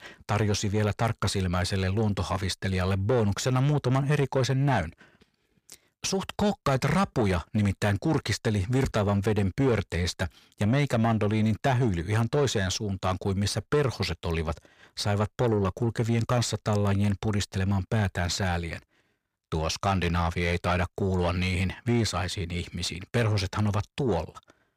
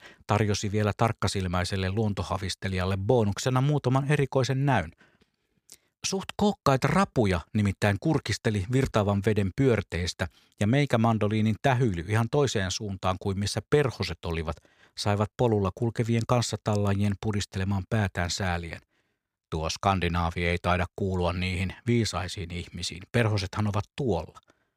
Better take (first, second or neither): second